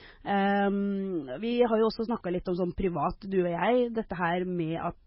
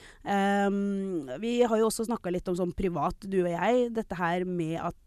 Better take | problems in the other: second | garbled, watery; badly; nothing above 5.5 kHz

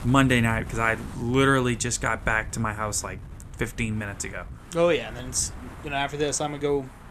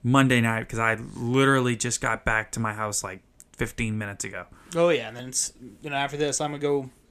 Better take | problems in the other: second | wind noise on the microphone; occasional gusts; 20 dB below the speech

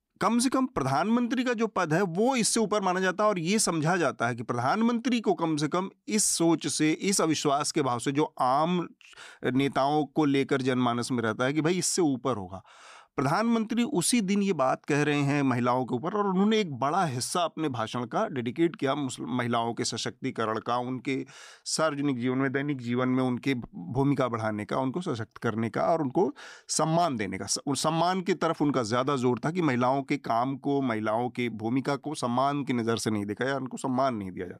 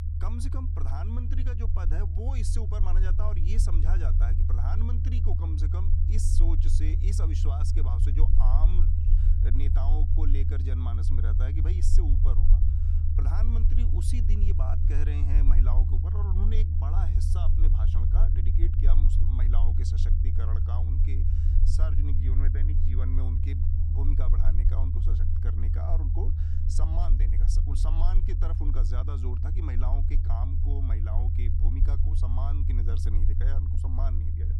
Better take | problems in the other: first | low rumble; loud; throughout; 1 dB below the speech

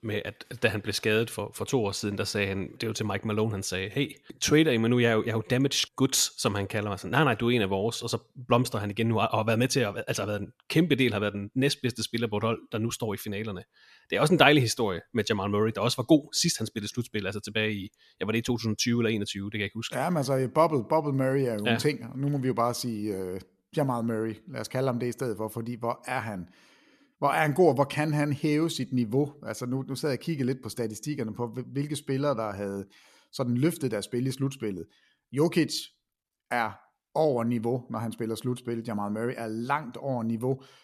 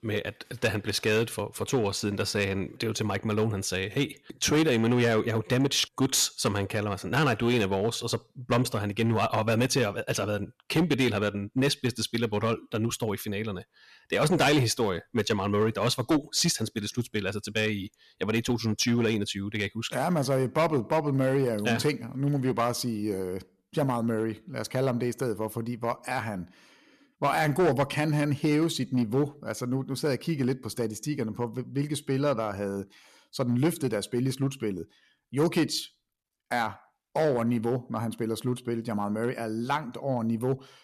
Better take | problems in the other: first | distortion; slight; 4% of the sound clipped

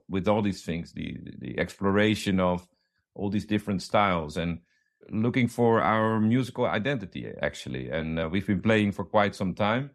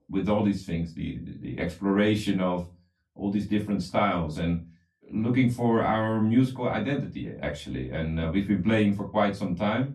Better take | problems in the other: first | off-mic speech; far // room echo; very slight; dies away in 0.2 s

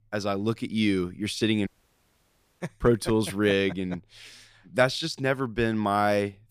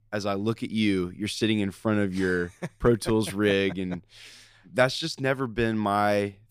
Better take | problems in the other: second | audio cutting out; at 1.5 s for 1 s

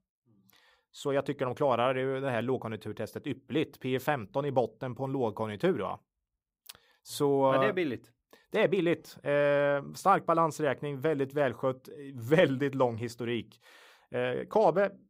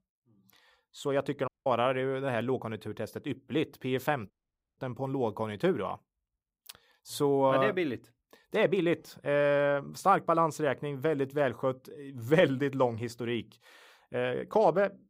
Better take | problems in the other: first | audio cutting out; at 1.5 s and at 4.5 s

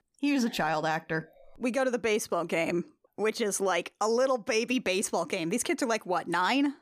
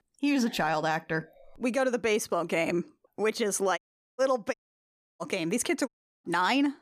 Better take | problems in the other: first | audio cutting out; at 4 s, at 4.5 s for 0.5 s and at 6 s

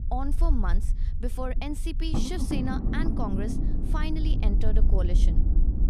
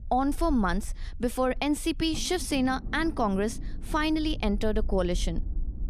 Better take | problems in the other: second | low rumble; loud; throughout; 3 dB below the speech; faint in the second

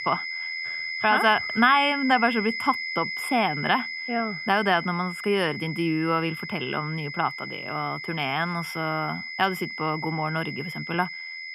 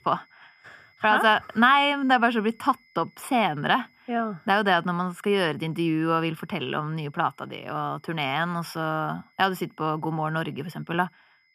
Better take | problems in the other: second | high-pitched whine; loud; throughout; 2 kHz, 6 dB below the speech; faint in the second

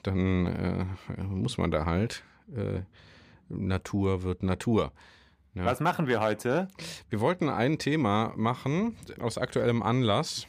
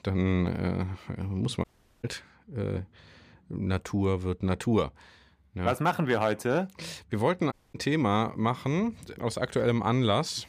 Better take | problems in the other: first | audio cutting out; at 1.5 s and at 7.5 s

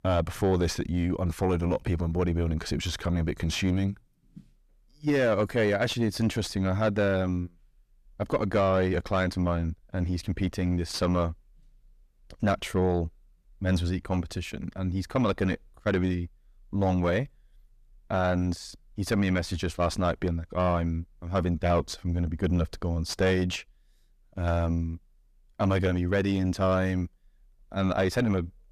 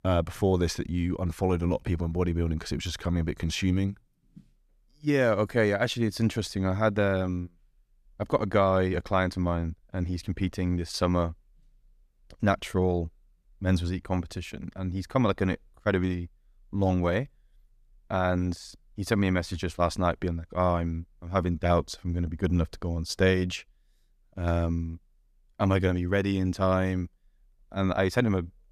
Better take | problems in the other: second | distortion; slight; 10 dB below the speech

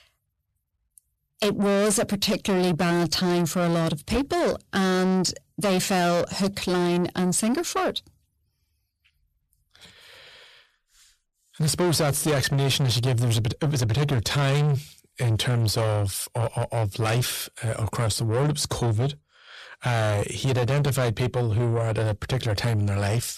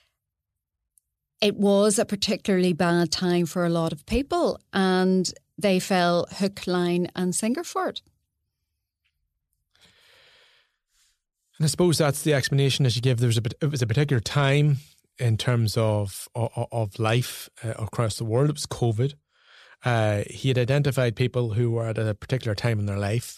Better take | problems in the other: second | distortion; heavy; 7 dB below the speech

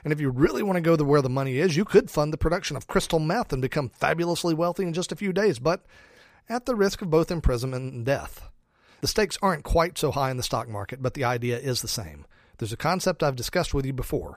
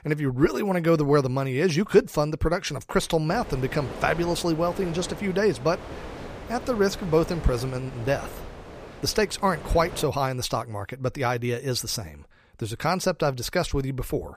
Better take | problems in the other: first | wind noise on the microphone; occasional gusts; from 3.5 to 10 s; 15 dB below the speech

